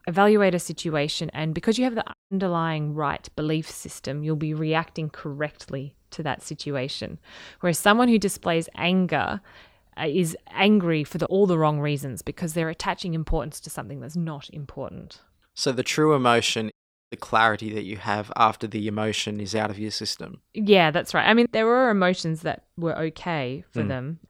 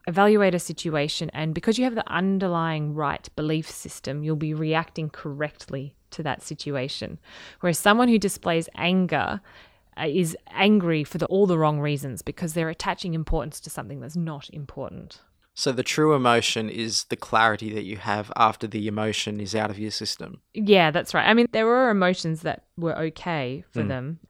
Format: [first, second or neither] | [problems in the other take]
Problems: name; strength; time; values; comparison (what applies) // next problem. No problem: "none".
second | audio cutting out; at 2 s and at 17 s